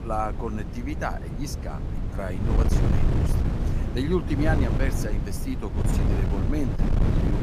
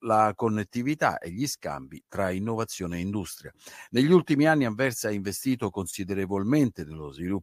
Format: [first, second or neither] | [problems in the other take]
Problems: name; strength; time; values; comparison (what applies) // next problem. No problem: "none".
second | wind noise on the microphone; heavy; 3 dB below the speech